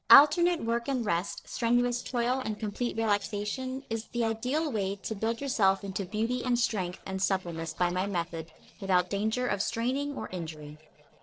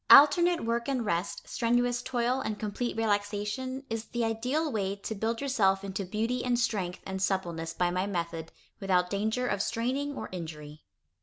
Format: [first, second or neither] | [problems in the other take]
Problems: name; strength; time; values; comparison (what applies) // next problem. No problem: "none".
second | noise reduction (neural separator model SepFormer DNS4)